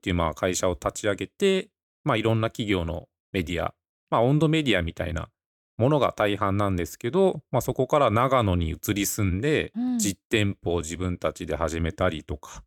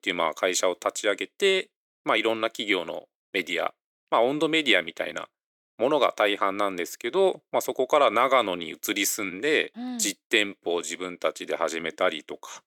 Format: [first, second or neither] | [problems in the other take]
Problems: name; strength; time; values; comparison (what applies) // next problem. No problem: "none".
first | thin; somewhat; fading below 350 Hz